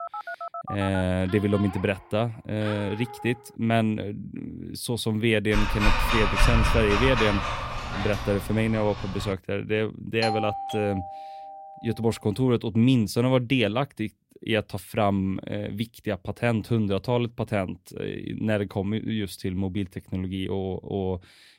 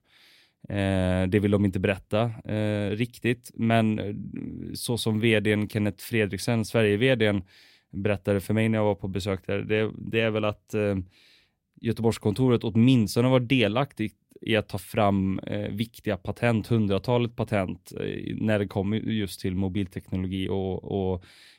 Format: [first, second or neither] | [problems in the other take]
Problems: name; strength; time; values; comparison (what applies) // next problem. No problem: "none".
second | phone ringing; noticeable; until 3.5 s; peak 8 dB below the speech // dog barking; loud; from 5.5 to 9 s; peak 4 dB above the speech // doorbell; noticeable; from 10 to 12 s; peak 3 dB below the speech